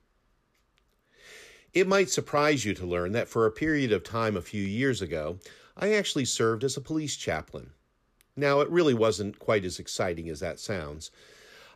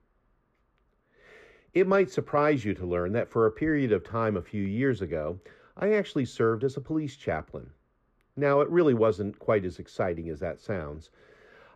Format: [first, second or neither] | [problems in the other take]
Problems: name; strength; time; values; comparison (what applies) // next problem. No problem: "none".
first | muffled; very; fading above 3 kHz